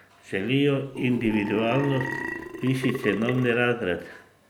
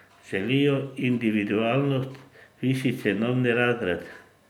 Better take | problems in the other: second | background sound (Burping, eructation); 8 dB below the speech

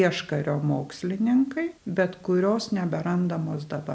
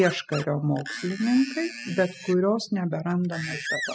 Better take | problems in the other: first | noise reduction (classical method spectral subtraction)

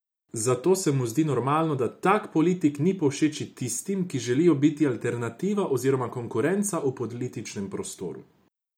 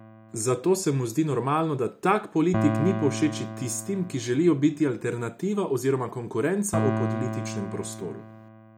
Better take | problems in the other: first | background sound (Piano); 7 dB below the speech

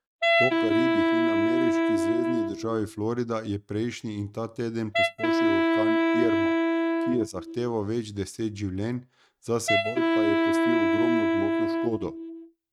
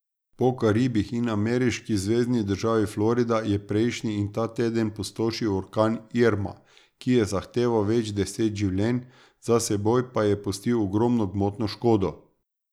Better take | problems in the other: second | noise reduction (neural mask model RNNoise)

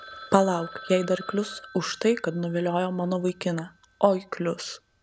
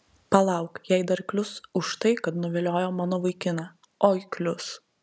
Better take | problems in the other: second | background sound (Telephone); 19 dB below the speech

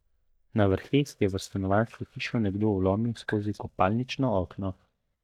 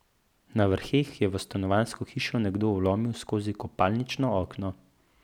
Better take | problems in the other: second | noise reduction (neural mask model DeepFilterNet 3)

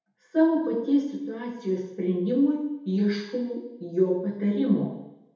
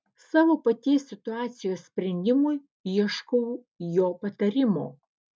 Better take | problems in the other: second | room echo; dies away in 0.8 s

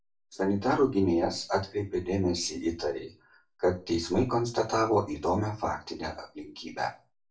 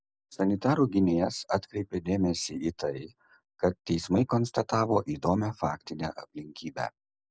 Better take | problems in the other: second | room echo; dies away in 0.3 s

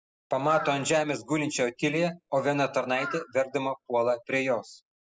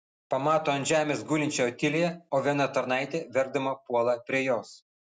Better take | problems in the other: second | noise reduction (classical method spectral subtraction)

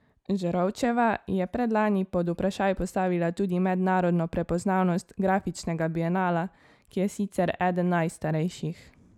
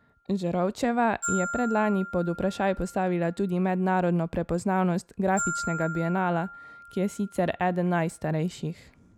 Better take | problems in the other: first | background sound (Glockenspiel); 13 dB below the speech

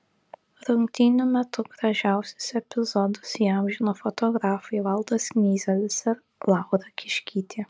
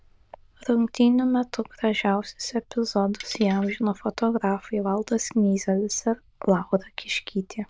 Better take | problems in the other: first | noise reduction (neural diffusion model UNIVERSE++)

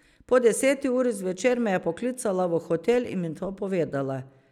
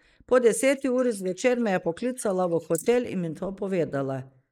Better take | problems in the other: first | noise reduction (neural mask model Resemble Enhance denoiser)

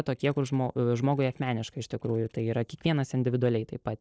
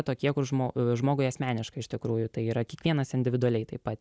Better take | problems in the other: second | noise reduction (neural separator model SepFormer DNS4)

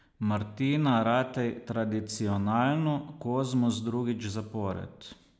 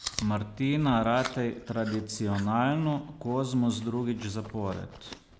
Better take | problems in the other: first | background sound (Chewing, mastication); 16 dB below the speech

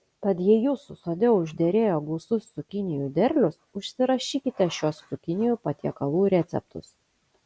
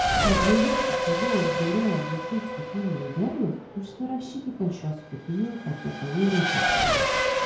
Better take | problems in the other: first | background sound (Race car, auto racing / Accelerating, revving, vroom); 1 dB above the speech // room echo; dies away in 0.6 s

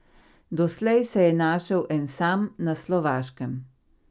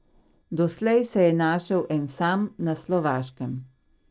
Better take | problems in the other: first | noise reduction (neural separator model SepFormer DNS4)

